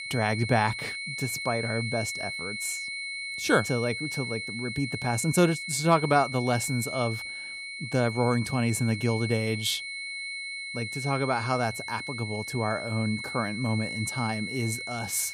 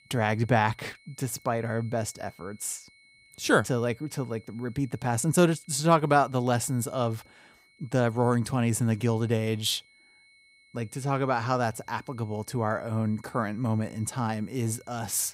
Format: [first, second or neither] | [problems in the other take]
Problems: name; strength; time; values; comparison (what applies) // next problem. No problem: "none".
second | high-pitched whine; loud; throughout; 2 kHz, 5 dB below the speech; faint in the second